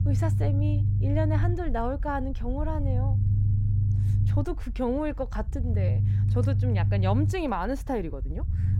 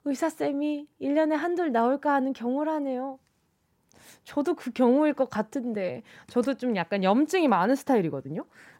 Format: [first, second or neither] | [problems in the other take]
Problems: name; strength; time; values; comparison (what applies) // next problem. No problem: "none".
second | low rumble; loud; throughout; 7 dB below the speech